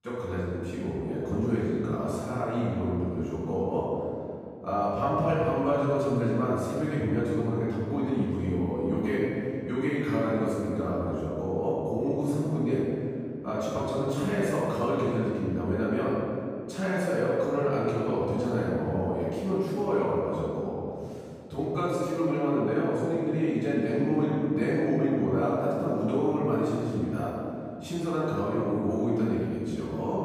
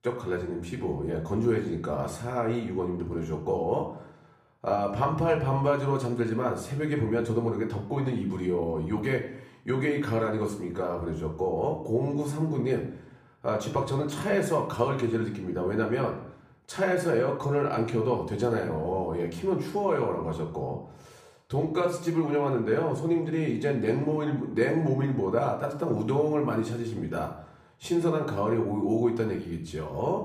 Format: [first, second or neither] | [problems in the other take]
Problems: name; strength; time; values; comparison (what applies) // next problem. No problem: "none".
second | room echo; strong; dies away in 2.3 s; slight in the second // off-mic speech; far; far in the second